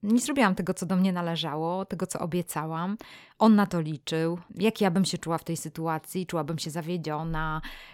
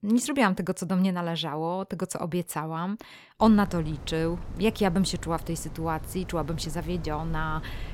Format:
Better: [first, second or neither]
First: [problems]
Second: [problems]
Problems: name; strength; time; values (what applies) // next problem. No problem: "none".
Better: first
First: none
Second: wind noise on the microphone; occasional gusts; from 3.5 s on; 20 dB below the speech